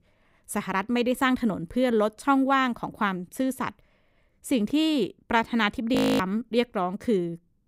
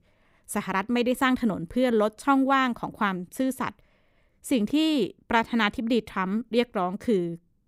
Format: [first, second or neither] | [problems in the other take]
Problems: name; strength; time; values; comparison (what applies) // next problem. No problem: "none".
second | audio freezing; at 6 s